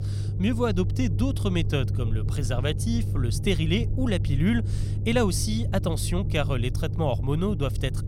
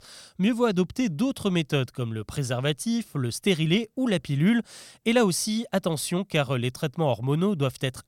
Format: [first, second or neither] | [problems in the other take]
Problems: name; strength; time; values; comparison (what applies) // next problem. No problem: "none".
second | low rumble; noticeable; throughout; 10 dB below the speech